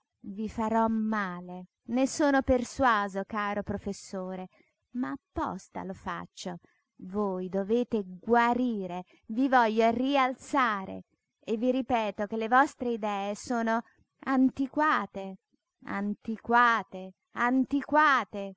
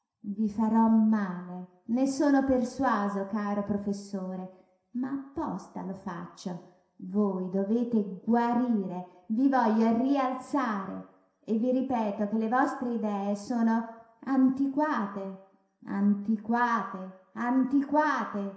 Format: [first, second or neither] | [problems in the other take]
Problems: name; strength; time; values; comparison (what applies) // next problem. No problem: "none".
first | room echo; dies away in 0.7 s